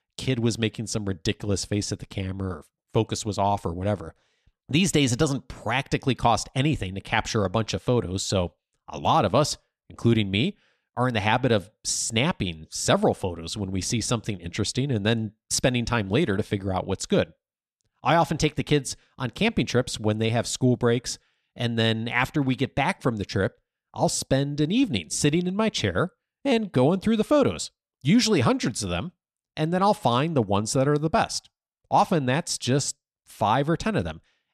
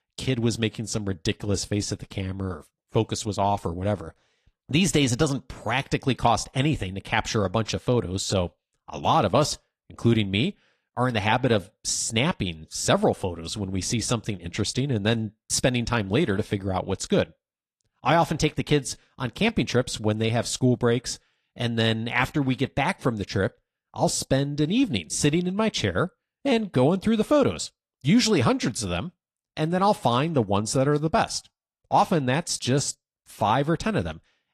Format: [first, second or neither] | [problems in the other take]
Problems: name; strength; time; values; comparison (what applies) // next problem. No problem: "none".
first | garbled, watery; slightly; nothing above 13.5 kHz